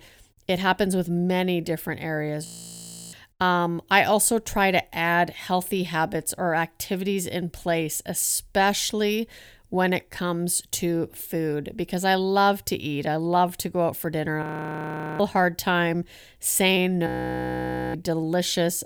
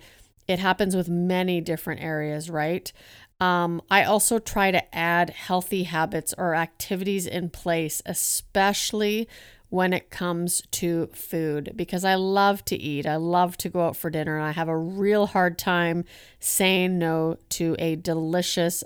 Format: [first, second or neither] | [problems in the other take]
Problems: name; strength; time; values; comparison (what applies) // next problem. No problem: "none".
second | audio freezing; at 2.5 s for 0.5 s, at 14 s for 1 s and at 17 s for 1 s